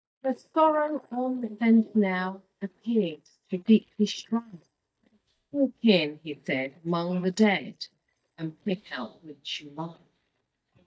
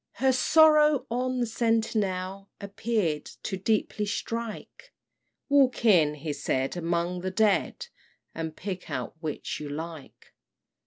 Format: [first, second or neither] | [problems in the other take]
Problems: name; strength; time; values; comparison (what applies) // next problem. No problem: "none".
second | noise reduction (neural mask model DeepFilterNet 3)